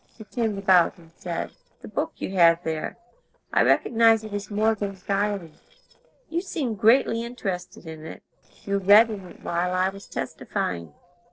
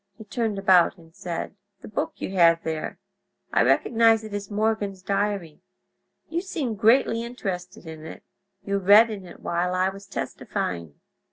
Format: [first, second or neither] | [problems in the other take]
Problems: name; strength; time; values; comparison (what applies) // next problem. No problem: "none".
second | noise reduction (neural separator model SepFormer DNS4)